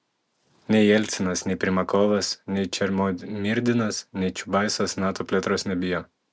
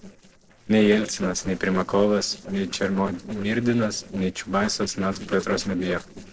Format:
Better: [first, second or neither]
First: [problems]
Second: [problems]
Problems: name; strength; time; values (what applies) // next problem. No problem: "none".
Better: first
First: none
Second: noise reduction (neural separator model SepFormer DNS4)